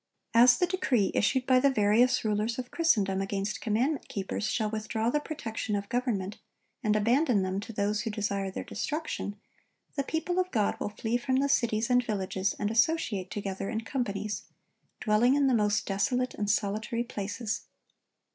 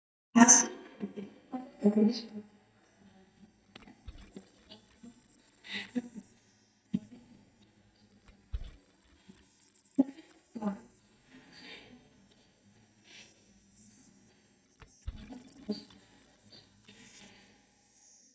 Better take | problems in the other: first | noise reduction (neural mask model DeepFilterNet 3)

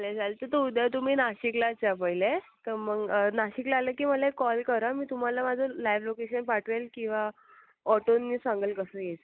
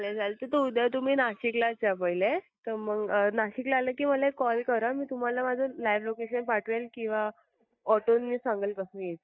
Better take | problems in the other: first | noise reduction (neural mask model DeepFilterNet 3)

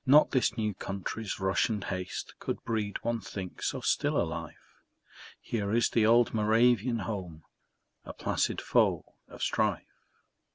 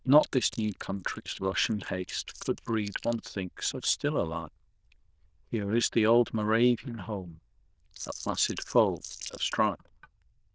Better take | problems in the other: first | noise reduction (neural diffusion model UNIVERSE++)

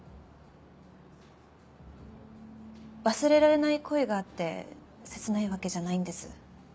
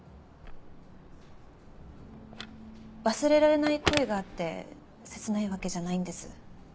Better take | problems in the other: first | background sound (Telephone); 9 dB below the speech

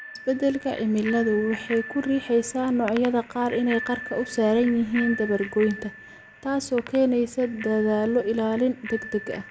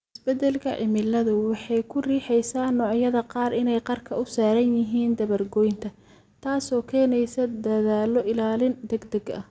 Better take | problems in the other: second | background sound (Bicycle bell); 14 dB below the speech

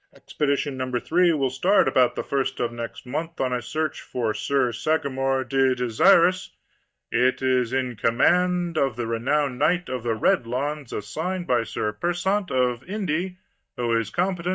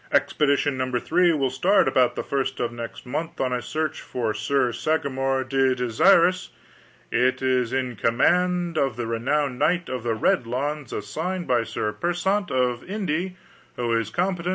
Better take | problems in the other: second | noise reduction (neural mask model DeepFilterNet 3)

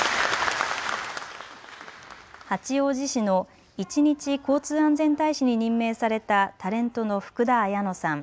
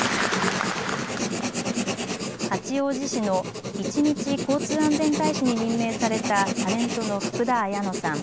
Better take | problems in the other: first | background sound (Writing); 3 dB below the speech

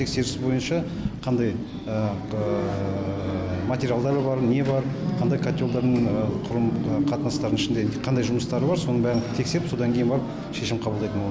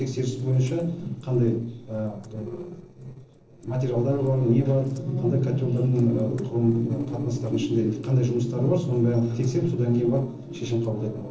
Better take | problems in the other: first | noise reduction (neural separator model SepFormer DNS4)

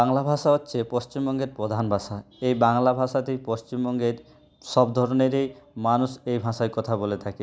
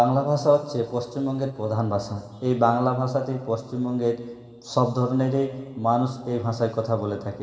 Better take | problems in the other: first | room echo; dies away in 1.9 s

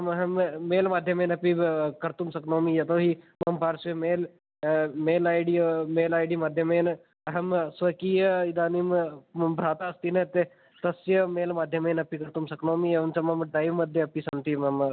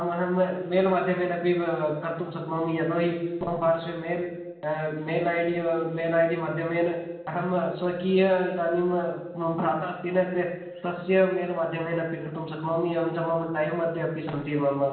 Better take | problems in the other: first | room echo; dies away in 1 s

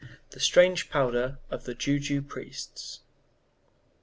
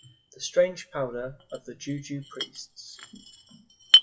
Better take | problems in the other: first | noise reduction (classical method WPE with log-MMSE)

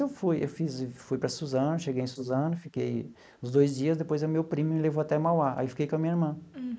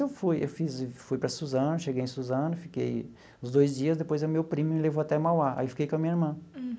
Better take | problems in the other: second | noise reduction (neural mask model Resemble Enhance denoiser)

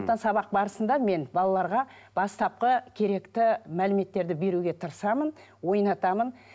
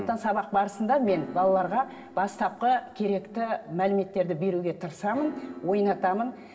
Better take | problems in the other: first | background sound (Piano); 18 dB below the speech // room echo; dies away in 2.9 s

